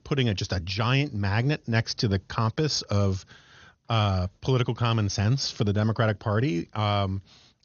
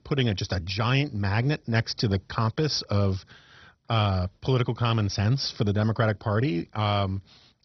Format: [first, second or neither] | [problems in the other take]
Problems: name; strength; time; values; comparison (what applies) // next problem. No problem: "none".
first | garbled, watery; badly; nothing above 6 kHz; slightly in the first